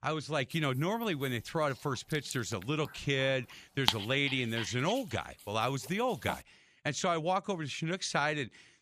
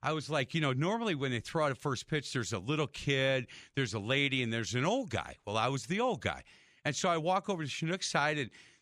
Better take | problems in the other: second | dog barking; loud; from 2.5 to 6.5 s; peak 2 dB above the speech

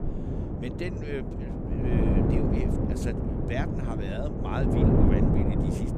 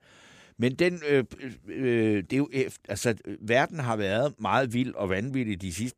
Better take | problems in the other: second | wind noise on the microphone; heavy; 5 dB above the speech

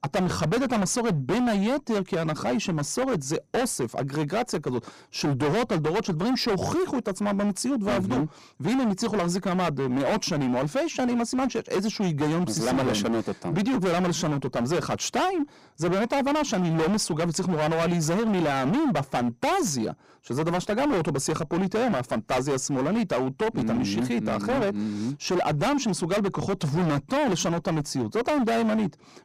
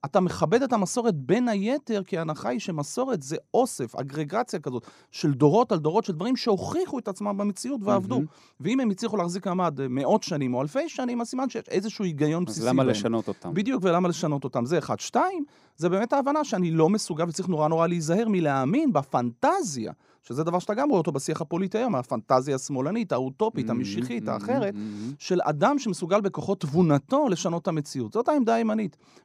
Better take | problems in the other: second | distortion; heavy; 27% of the sound clipped

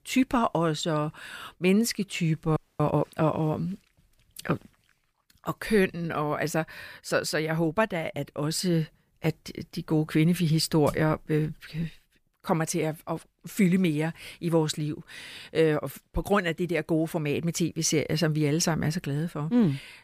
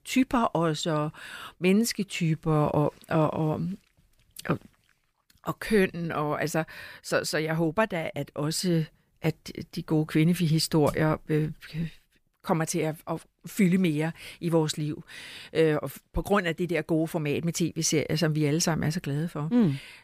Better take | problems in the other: second | audio freezing; at 2.5 s

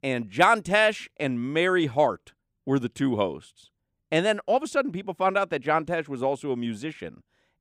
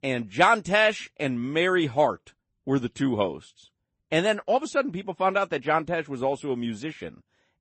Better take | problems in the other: first | garbled, watery; slightly; nothing above 8 kHz

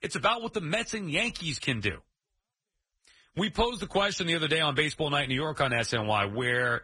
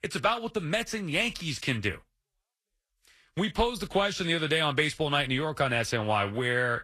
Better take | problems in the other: second | garbled, watery; badly; slightly in the second

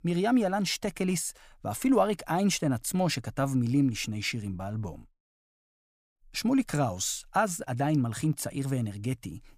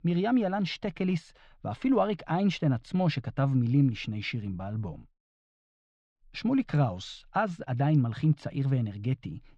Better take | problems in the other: first | muffled; slightly; fading above 4 kHz

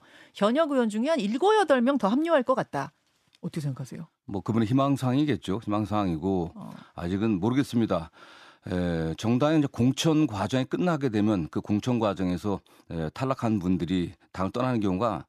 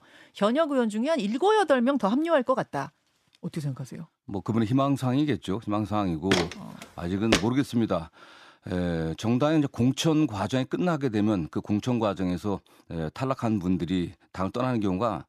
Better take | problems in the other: first | footsteps; loud; from 6.5 to 7.5 s; peak level with the speech

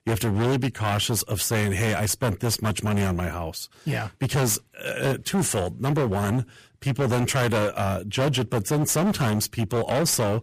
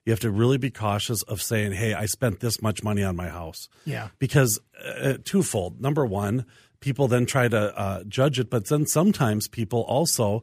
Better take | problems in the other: second | distortion; heavy; 23% of the sound clipped

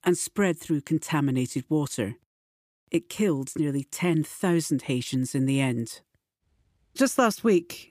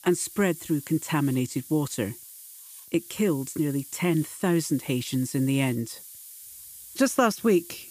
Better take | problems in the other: first | hiss; noticeable; throughout; 15 dB below the speech

